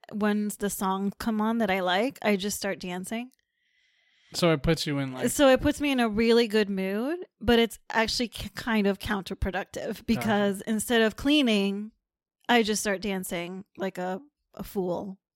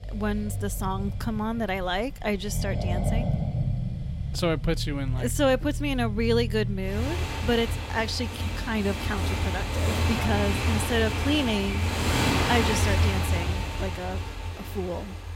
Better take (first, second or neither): first